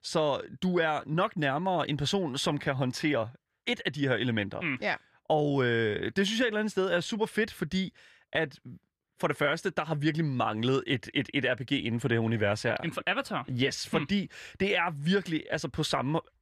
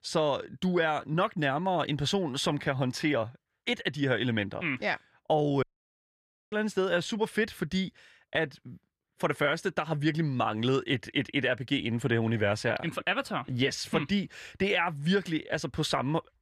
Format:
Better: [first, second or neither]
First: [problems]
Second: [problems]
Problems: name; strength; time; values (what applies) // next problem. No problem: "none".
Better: first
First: none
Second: audio cutting out; at 5.5 s for 1 s